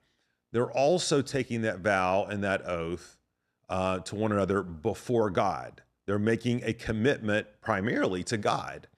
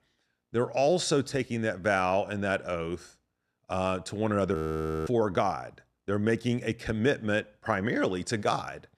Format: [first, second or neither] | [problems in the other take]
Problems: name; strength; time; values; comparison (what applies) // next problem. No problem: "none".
first | audio freezing; at 4.5 s for 0.5 s